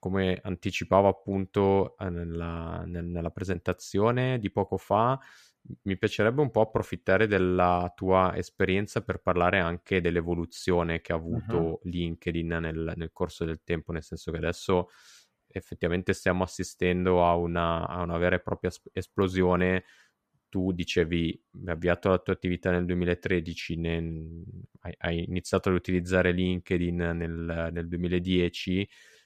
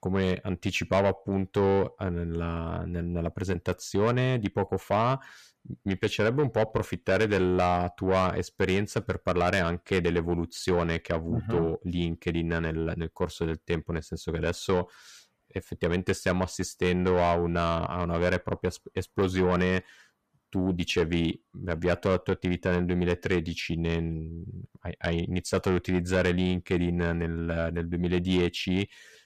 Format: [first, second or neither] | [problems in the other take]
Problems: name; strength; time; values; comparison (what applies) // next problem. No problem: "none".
first | distortion; slight; 10 dB below the speech